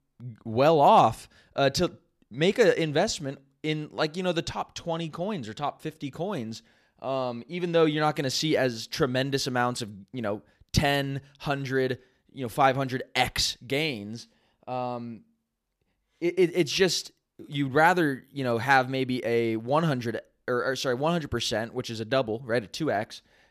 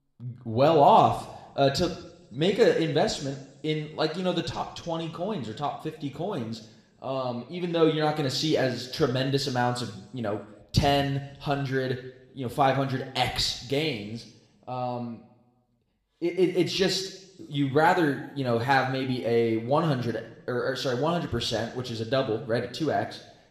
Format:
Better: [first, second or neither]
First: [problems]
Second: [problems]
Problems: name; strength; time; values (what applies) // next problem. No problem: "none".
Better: first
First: none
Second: room echo; slight; dies away in 0.8 s